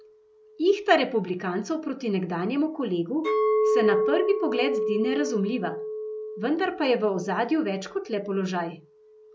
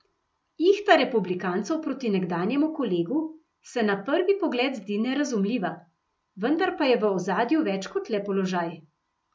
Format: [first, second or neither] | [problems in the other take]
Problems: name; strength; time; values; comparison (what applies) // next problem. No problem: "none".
second | background sound (Chink, clink); 3 dB below the speech